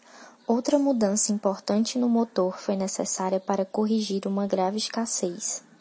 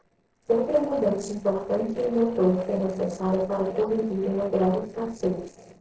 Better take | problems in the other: first | noise reduction (neural separator model SepFormer DNS4)

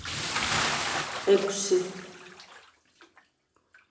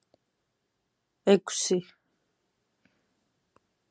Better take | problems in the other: second | background sound (Bathtub (filling or washing) / Splash, splatter); 3 dB below the speech // room echo; dies away in 1.2 s

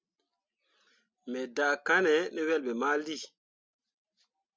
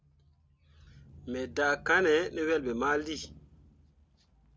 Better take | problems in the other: first | background sound (Engine starting / Accelerating, revving, vroom / Motor vehicle (road)); 20 dB below the speech

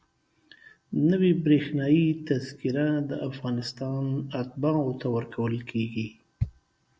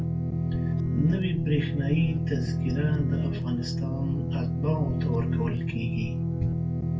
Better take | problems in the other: first | background sound (Guitar); 4 dB above the speech // room echo; dies away in 0.2 s

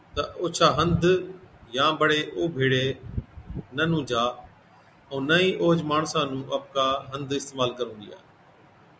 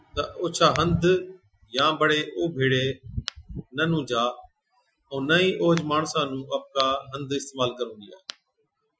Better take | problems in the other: first | noise reduction (classical method Wiener filter)

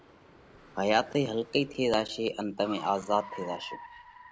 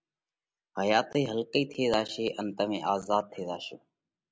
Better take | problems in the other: second | background sound (Car); 18 dB below the speech

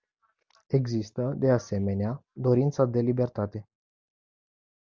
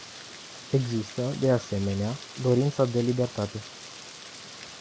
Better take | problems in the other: first | background sound (Rain); 15 dB below the speech

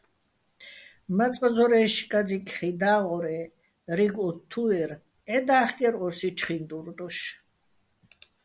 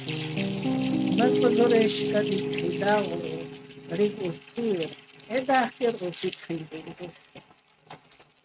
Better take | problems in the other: first | noise reduction (neural mask model RNNoise)

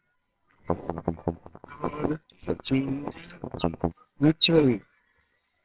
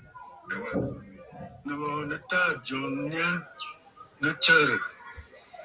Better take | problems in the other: second | noise reduction (neural separator model SepFormer WHAMR!)

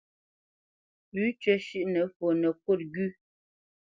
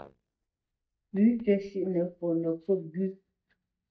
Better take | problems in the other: first | noise reduction (neural mask model DeepFilterNet 3)

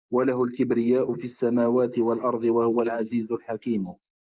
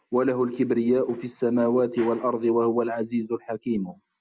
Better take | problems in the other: second | noise reduction (neural mask model Resemble Enhance denoiser)

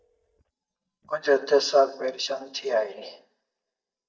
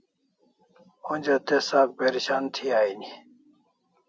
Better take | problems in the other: second | noise reduction (neural mask model DeepFilterNet 3)

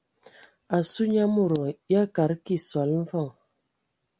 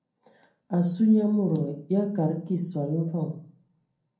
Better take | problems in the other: first | room echo; dies away in 0.6 s

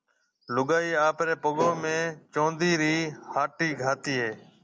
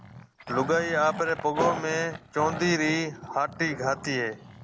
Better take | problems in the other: first | background sound (Growling); 11 dB below the speech

